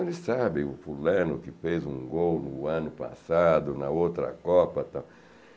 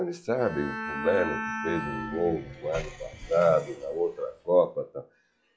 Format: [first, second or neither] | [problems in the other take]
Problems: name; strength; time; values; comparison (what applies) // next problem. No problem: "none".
first | noise reduction (classical method log-MMSE)